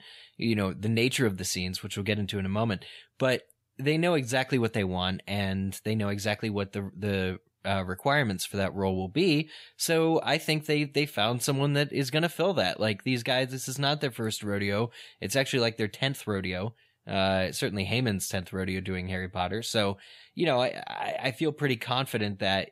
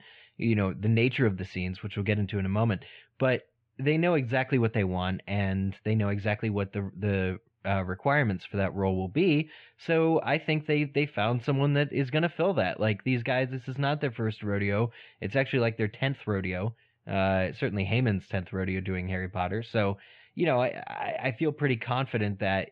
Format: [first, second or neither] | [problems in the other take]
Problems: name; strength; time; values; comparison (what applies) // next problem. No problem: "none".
first | muffled; very; fading above 2.5 kHz